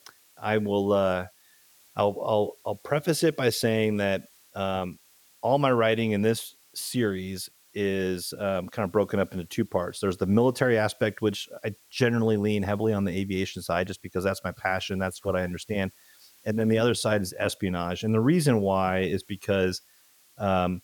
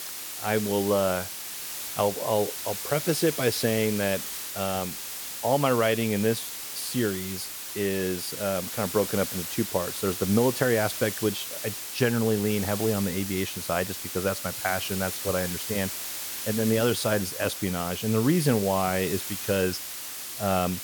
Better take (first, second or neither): first